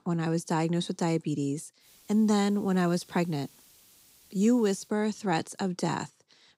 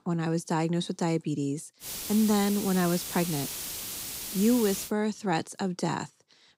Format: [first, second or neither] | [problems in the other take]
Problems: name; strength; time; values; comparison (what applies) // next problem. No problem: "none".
first | hiss; loud; from 2 to 5 s; 6 dB below the speech; faint in the first